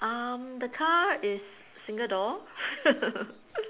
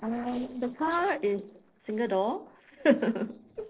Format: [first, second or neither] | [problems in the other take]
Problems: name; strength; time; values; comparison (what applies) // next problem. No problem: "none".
first | noise reduction (neural separator model SepFormer DNS4)